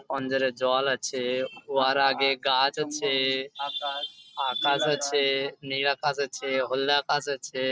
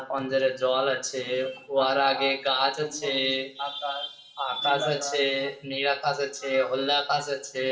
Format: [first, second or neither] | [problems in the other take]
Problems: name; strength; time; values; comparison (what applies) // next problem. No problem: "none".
first | room echo; dies away in 0.6 s